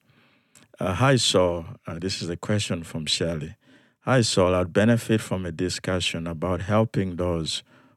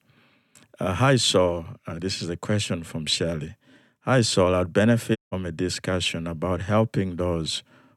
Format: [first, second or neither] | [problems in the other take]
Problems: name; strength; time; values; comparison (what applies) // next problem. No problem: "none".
first | audio cutting out; at 5 s